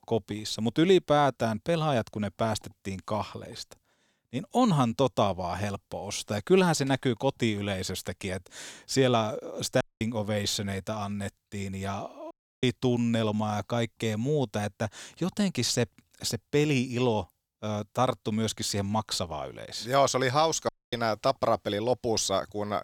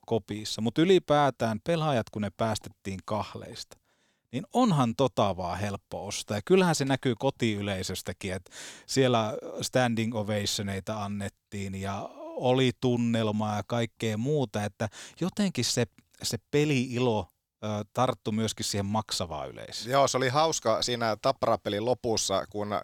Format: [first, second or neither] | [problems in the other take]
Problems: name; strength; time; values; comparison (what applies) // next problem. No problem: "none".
second | audio cutting out; at 10 s, at 12 s and at 21 s